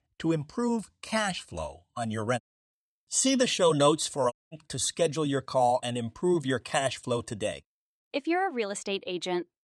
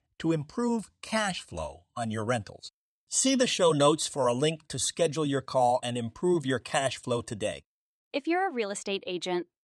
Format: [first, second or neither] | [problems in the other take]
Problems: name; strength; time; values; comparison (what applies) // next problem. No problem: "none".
second | audio cutting out; at 2.5 s and at 4.5 s